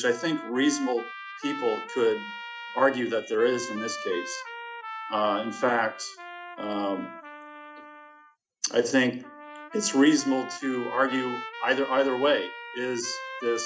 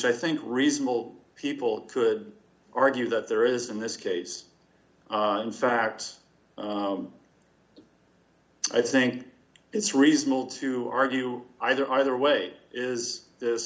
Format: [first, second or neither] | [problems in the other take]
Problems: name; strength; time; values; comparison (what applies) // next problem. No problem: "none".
second | noise reduction (classical method Wiener filter)